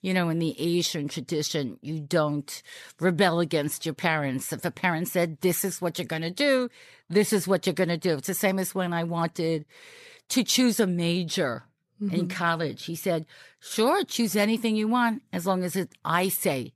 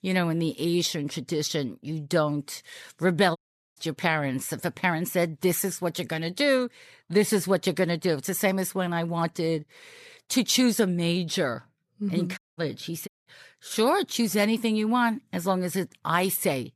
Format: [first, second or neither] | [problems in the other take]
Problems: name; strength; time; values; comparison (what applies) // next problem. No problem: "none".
first | audio cutting out; at 3.5 s, at 12 s and at 13 s